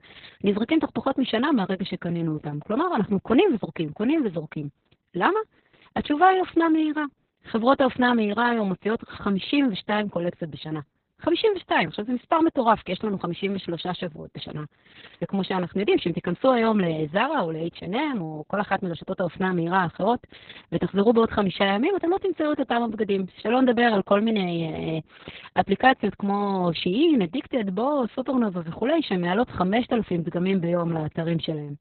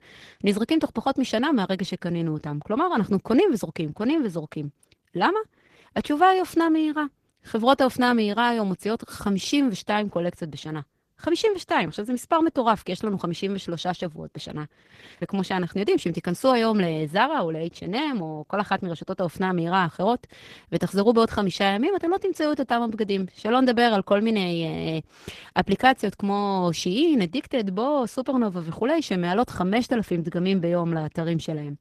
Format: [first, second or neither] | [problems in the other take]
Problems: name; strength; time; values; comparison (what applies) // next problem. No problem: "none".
second | garbled, watery; badly; nothing above 4 kHz; slightly in the second